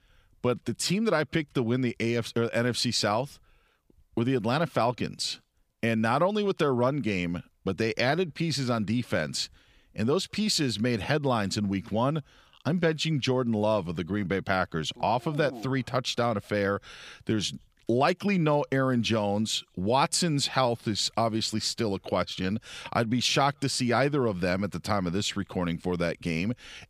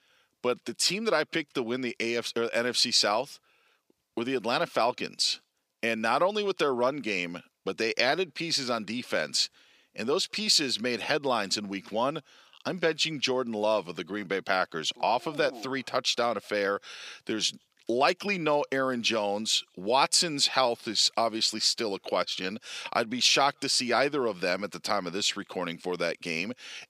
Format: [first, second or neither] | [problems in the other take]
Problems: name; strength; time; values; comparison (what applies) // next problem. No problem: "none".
first | thin; somewhat; fading below 350 Hz